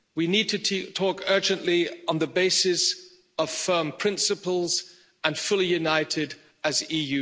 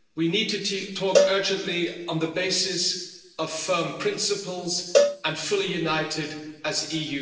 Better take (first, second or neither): first